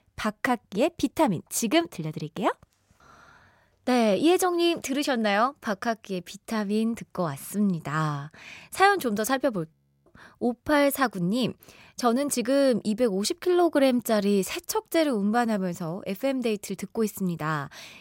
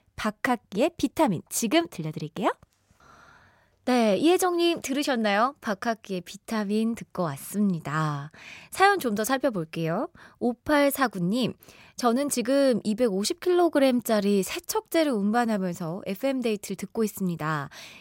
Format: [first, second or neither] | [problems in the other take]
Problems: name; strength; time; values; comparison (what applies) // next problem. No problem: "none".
second | audio freezing; at 9.5 s